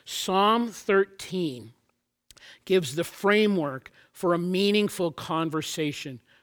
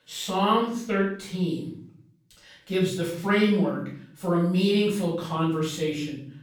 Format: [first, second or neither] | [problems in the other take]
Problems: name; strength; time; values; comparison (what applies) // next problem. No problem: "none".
first | off-mic speech; far // room echo; noticeable; dies away in 0.6 s